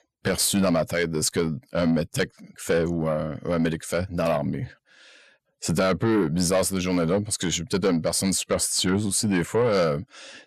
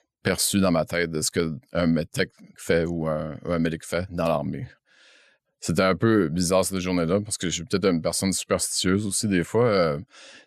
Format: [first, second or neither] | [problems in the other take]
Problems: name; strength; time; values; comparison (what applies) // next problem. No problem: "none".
second | distortion; slight; 10 dB below the speech